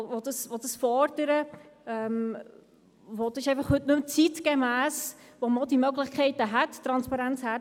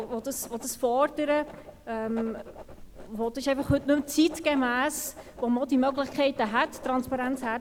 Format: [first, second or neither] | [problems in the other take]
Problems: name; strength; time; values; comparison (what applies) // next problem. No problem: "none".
first | background sound (Writing); 18 dB below the speech